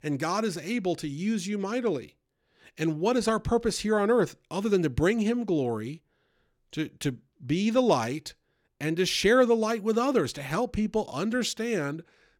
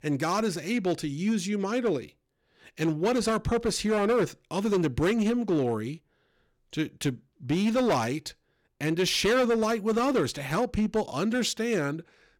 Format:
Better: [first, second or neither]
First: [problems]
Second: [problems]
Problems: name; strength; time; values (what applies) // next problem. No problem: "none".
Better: first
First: none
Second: distortion; slight; 8% of the sound clipped